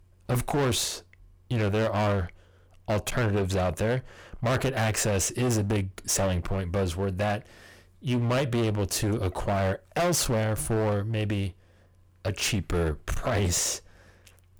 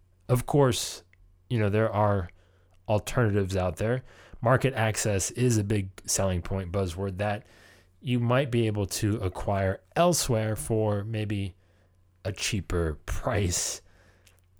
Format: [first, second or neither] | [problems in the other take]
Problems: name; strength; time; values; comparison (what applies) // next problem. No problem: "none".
second | distortion; heavy; 17% of the sound clipped